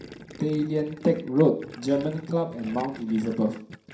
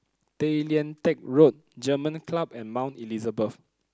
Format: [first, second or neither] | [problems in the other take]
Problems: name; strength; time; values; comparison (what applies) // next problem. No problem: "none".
second | background sound (Gurgling); 18 dB below the speech // room echo; dies away in 0.5 s